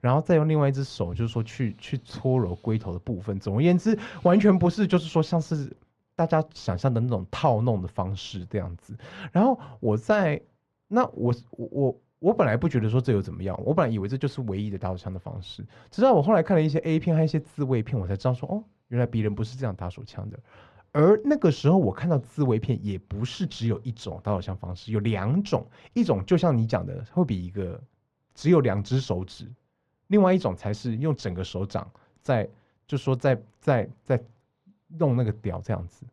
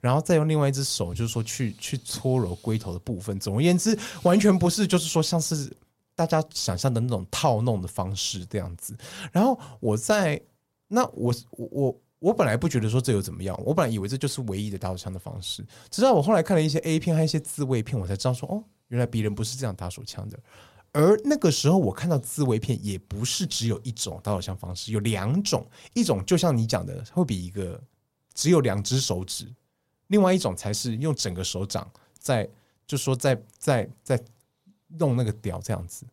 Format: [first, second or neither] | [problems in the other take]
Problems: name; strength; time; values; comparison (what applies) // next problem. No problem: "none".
second | muffled; slightly; fading above 2.5 kHz